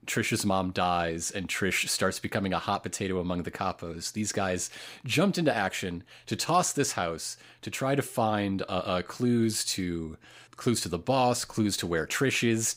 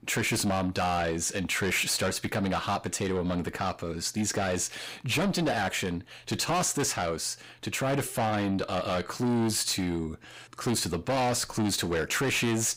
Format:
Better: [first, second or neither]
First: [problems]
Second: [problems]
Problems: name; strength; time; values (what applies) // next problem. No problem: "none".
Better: first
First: none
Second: distortion; heavy; 7 dB below the speech